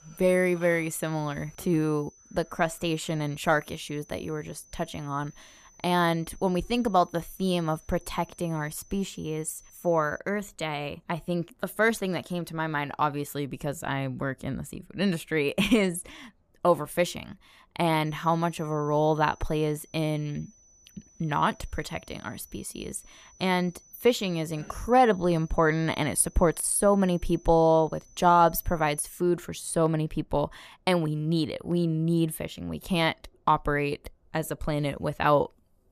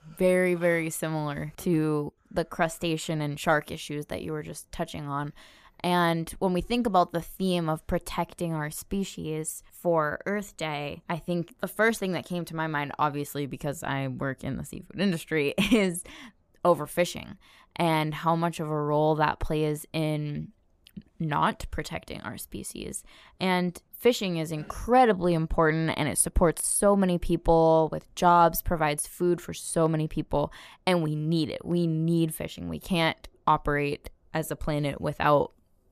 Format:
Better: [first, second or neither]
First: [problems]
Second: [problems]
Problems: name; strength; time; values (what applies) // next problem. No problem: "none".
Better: second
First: high-pitched whine; faint; until 10 s and from 18 to 29 s; 6 kHz, 25 dB below the speech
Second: none